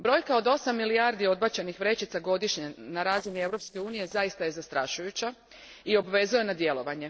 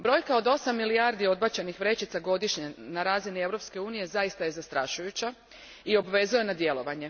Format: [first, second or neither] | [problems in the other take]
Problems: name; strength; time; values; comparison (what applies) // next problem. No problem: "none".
second | noise reduction (neural separator model SepFormer DNS4)